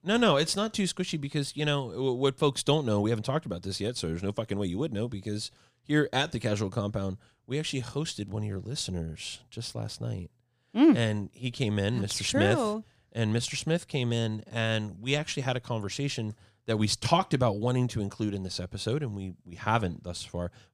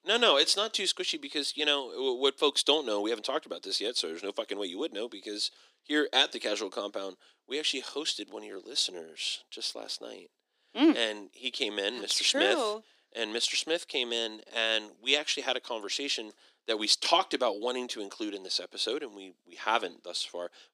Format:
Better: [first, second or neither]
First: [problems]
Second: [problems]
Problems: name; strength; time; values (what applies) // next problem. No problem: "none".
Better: first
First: none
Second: thin; somewhat; fading below 300 Hz